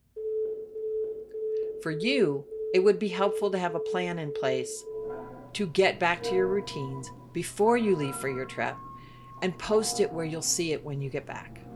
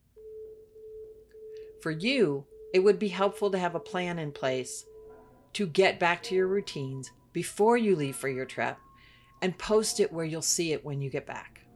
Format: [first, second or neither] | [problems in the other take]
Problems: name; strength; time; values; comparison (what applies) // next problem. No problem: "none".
second | alarms or sirens; loud; throughout; 7 dB below the speech; faint in the second